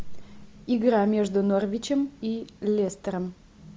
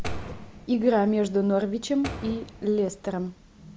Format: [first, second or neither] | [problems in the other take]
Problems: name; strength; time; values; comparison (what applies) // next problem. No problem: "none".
first | background sound (Door); 14 dB below the speech